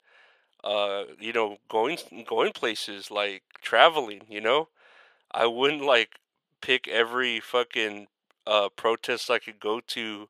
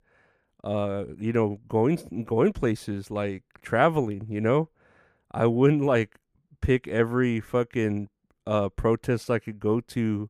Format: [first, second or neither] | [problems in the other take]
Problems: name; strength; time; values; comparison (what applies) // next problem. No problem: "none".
second | thin; very; fading below 700 Hz